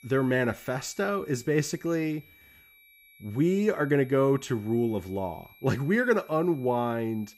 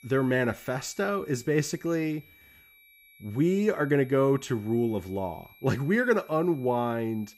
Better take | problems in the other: neither | high-pitched whine; faint; throughout; 2.5 kHz, 25 dB below the speech; the same in both

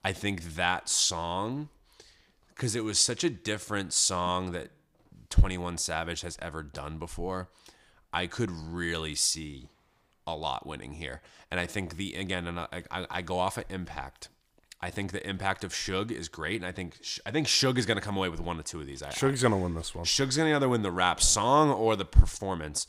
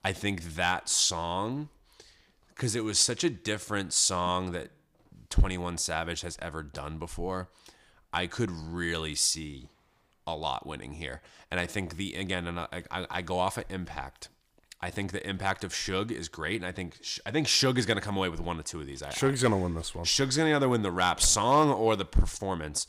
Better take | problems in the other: first | distortion; slight; 0.4% of the sound clipped

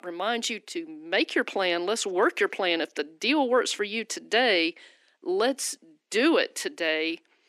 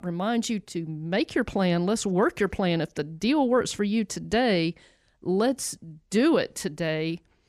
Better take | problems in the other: second | thin; somewhat; fading below 300 Hz

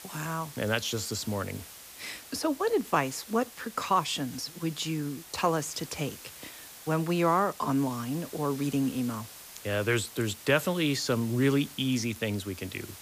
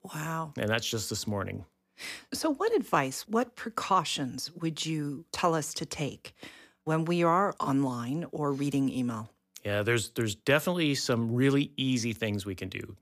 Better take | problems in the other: second | hiss; noticeable; throughout; 15 dB below the speech

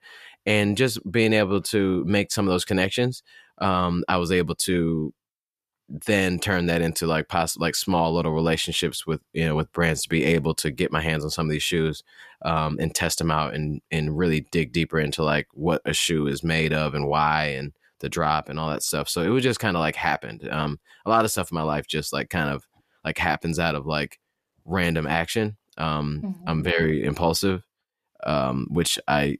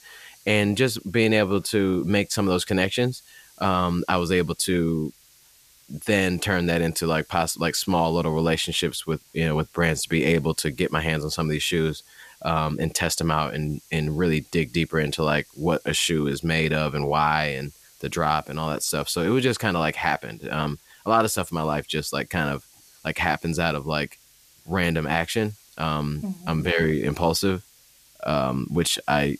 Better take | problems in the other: first | hiss; faint; throughout; 25 dB below the speech

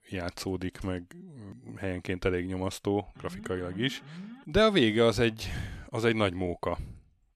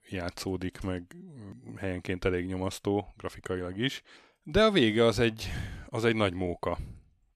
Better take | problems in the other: second | alarm; faint; from 3 to 4.5 s; peak 15 dB below the speech

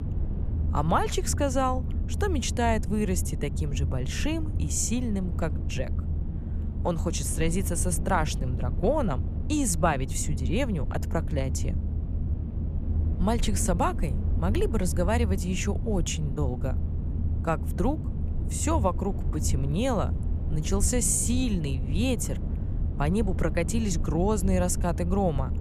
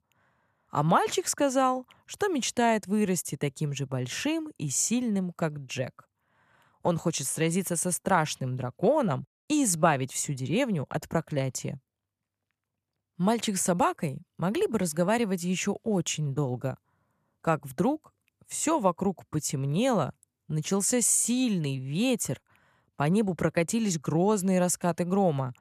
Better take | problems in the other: second | low rumble; noticeable; throughout; 15 dB below the speech

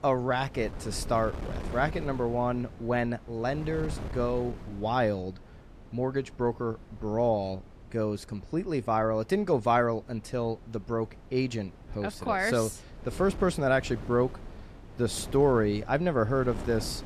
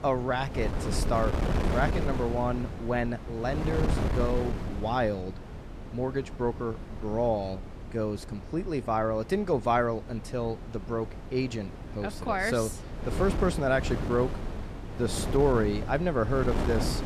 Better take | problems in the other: first | wind noise on the microphone; heavy; 9 dB below the speech; occasional gusts in the first

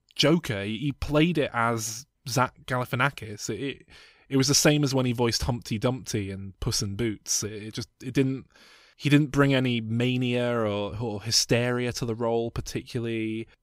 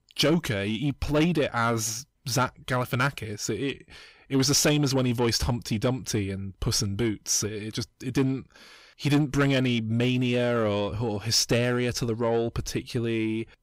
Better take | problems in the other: first | distortion; slight; 10 dB below the speech

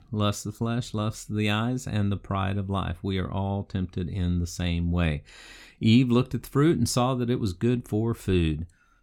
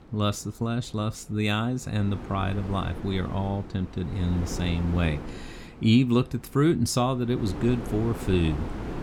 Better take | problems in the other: first | wind noise on the microphone; occasional gusts; 10 dB below the speech

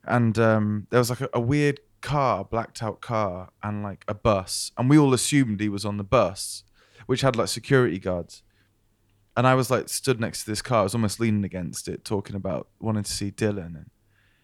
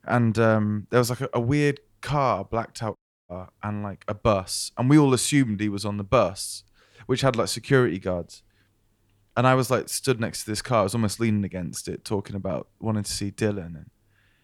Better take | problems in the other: first | audio cutting out; at 3 s

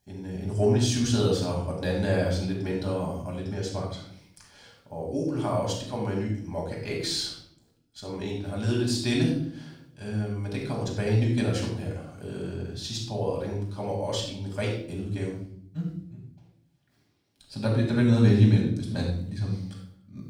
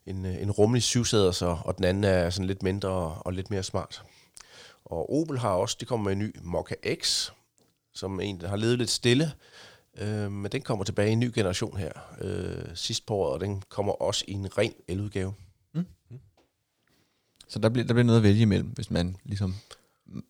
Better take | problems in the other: second | off-mic speech; far // room echo; noticeable; dies away in 0.6 s

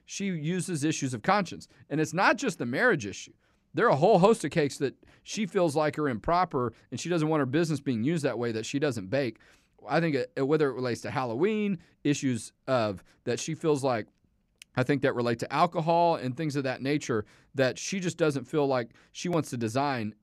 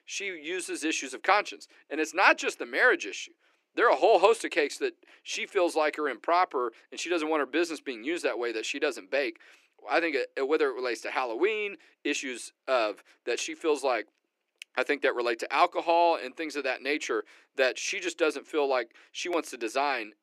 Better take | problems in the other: first | thin; very; fading below 350 Hz

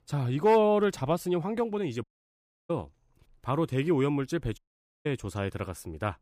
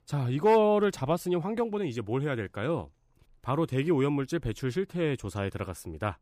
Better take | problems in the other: second | audio cutting out; at 2 s for 0.5 s and at 4.5 s

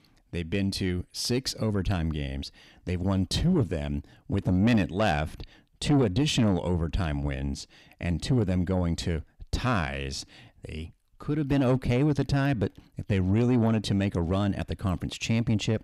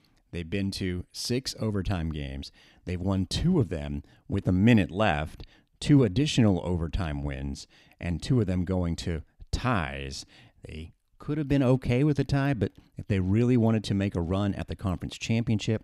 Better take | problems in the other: second | distortion; slight; 10 dB below the speech

